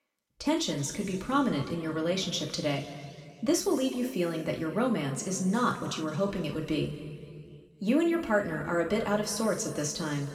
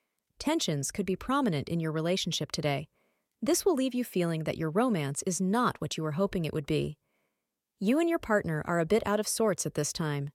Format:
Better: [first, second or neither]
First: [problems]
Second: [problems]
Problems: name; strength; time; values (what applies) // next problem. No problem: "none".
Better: second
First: room echo; noticeable; dies away in 2.1 s // off-mic speech; somewhat distant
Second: none